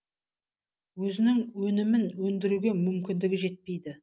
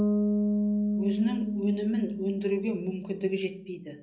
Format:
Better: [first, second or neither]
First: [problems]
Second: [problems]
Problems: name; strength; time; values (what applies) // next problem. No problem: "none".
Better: first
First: none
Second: background sound (Bass guitar); 2 dB above the speech // room echo; dies away in 0.5 s